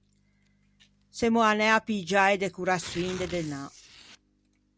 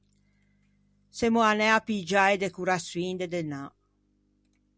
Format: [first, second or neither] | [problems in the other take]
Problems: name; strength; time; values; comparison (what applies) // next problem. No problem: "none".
second | background sound (Tearing); 20 dB below the speech